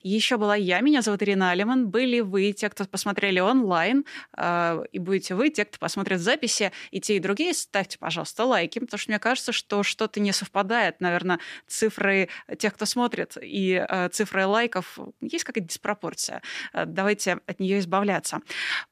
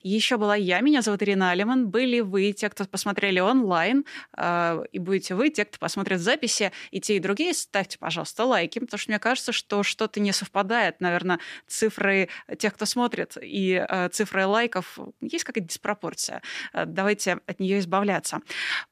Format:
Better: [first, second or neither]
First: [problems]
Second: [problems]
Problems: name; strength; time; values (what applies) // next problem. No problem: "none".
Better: neither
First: none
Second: none